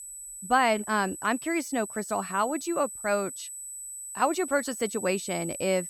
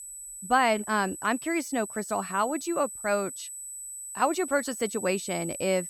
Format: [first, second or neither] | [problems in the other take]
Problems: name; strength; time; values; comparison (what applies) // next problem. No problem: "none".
neither | high-pitched whine; loud; throughout; 8 kHz, 9 dB below the speech; the same in both